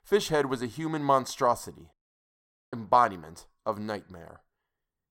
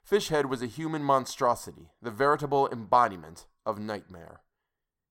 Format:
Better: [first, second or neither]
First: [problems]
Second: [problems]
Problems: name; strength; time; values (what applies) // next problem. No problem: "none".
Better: second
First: audio cutting out; at 2 s for 1 s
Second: none